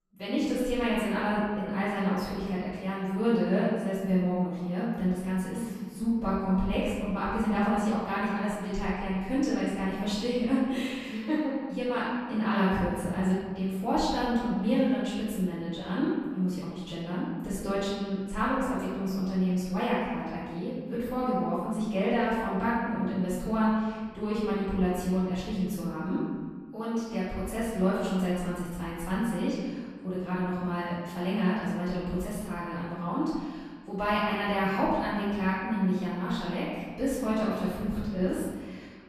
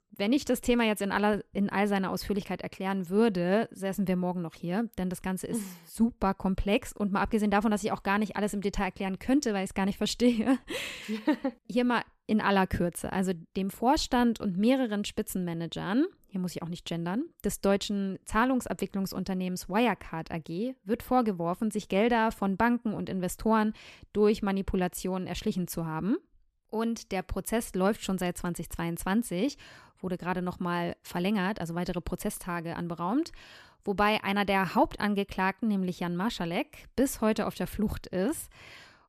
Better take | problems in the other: second | off-mic speech; far // room echo; strong; dies away in 1.5 s

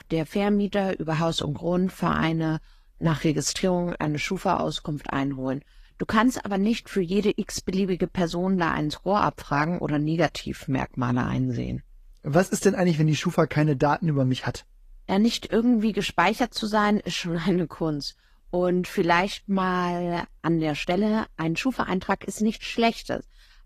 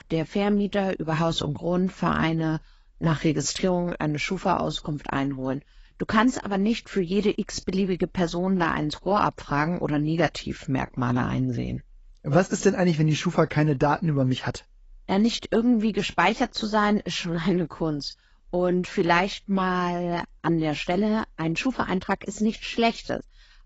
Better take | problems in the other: first | garbled, watery; badly; nothing above 7.5 kHz; slightly in the first

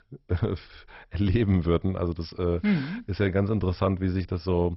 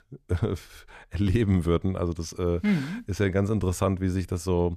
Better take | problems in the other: second | garbled, watery; badly; nothing above 5.5 kHz

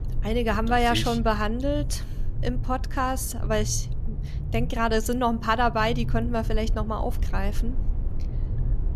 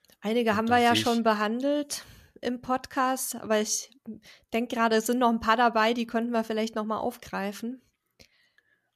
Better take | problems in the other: second | low rumble; noticeable; throughout; 20 dB below the speech

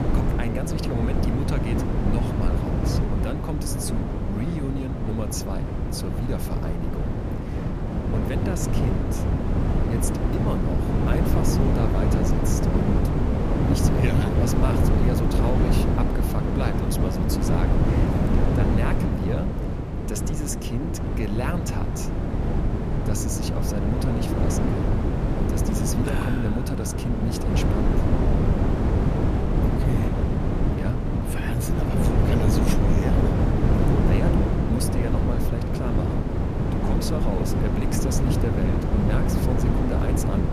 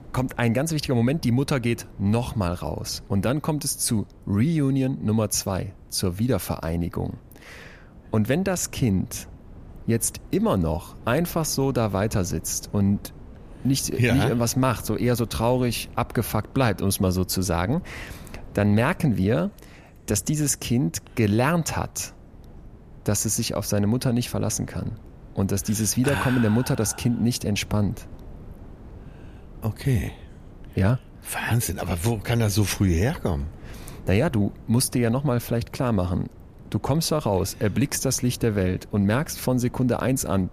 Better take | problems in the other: second | wind noise on the microphone; heavy; 4 dB above the speech; occasional gusts in the second

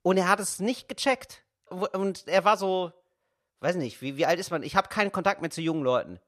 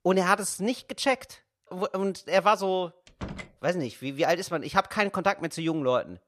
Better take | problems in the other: first | door banging; faint; at 3 s; peak 10 dB below the speech

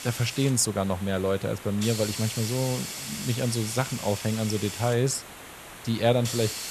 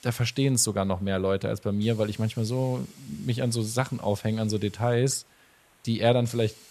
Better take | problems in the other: second | hiss; loud; throughout; 8 dB below the speech; faint in the second

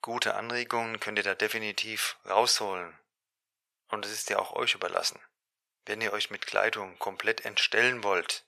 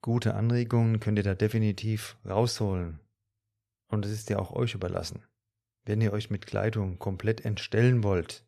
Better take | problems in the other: second | thin; very; fading below 900 Hz

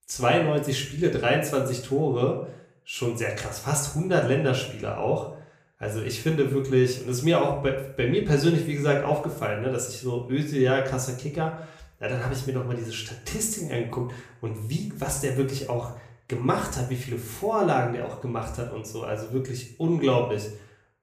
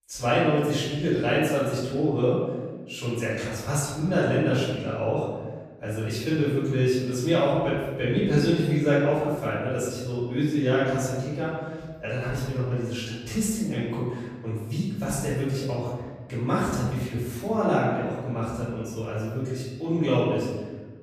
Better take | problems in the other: first | room echo; strong; dies away in 1.3 s; slight in the first // off-mic speech; far; somewhat distant in the first

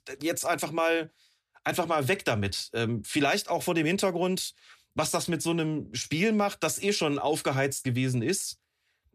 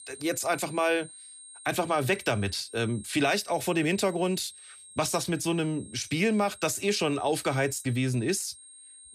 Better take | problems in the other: first | high-pitched whine; noticeable; throughout; 8.5 kHz, 20 dB below the speech

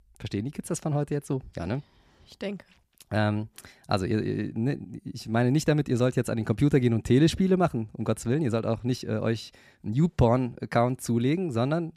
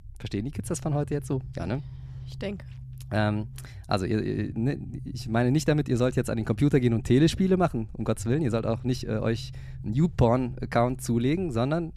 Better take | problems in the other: first | low rumble; faint; throughout; 25 dB below the speech

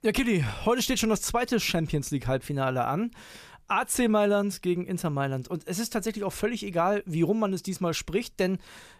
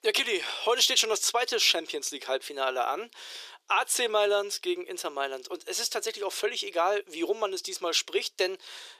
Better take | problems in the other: first | thin; very; fading below 350 Hz

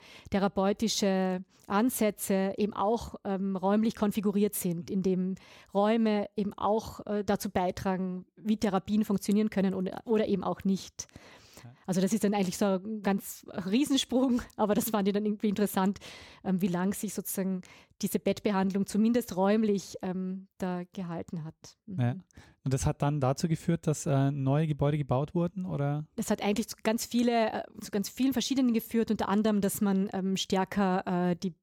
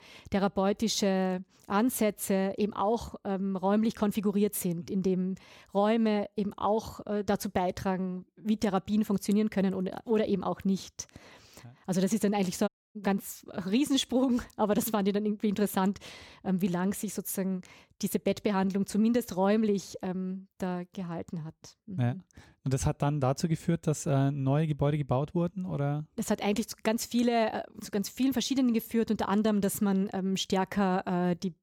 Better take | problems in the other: first | audio cutting out; at 13 s

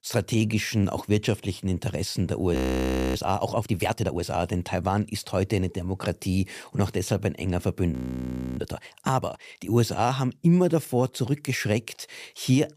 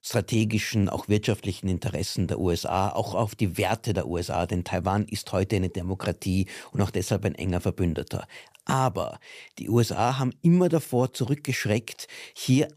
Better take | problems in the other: second | audio freezing; at 2.5 s for 0.5 s and at 8 s for 0.5 s

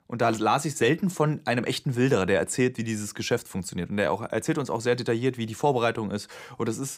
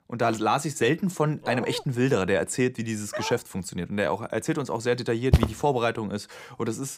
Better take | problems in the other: first | dog barking; noticeable; at 1.5 s and at 3 s; peak 7 dB below the speech // footsteps; loud; at 5.5 s; peak 3 dB above the speech

